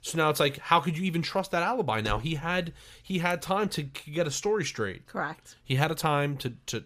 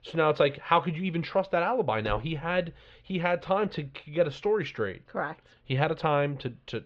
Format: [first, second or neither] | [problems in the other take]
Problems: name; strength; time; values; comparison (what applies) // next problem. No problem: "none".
first | muffled; very; fading above 3.5 kHz